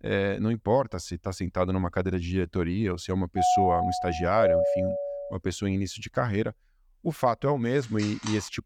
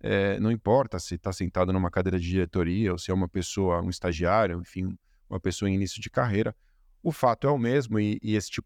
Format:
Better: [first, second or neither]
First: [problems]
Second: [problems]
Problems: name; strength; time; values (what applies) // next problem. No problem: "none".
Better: second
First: doorbell; loud; from 3.5 to 5.5 s; peak 5 dB above the speech // phone ringing; noticeable; at 8 s; peak 9 dB below the speech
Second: none